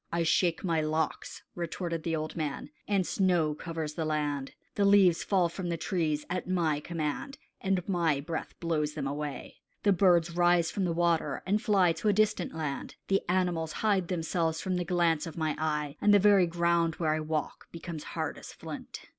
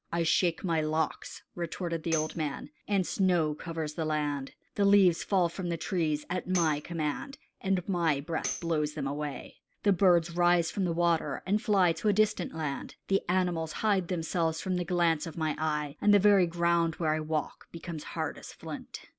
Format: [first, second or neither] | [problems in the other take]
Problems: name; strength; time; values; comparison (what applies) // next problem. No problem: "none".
first | background sound (Tambourine); 14 dB below the speech